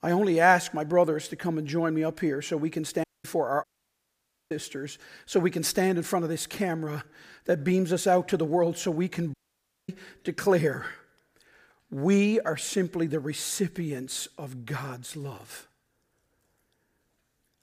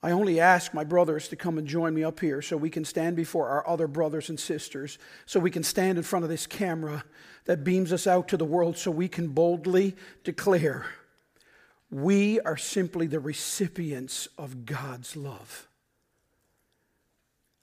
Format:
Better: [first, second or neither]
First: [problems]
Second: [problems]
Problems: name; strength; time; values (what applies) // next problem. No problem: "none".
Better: second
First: audio cutting out; at 3 s, at 3.5 s for 1 s and at 9.5 s for 0.5 s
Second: none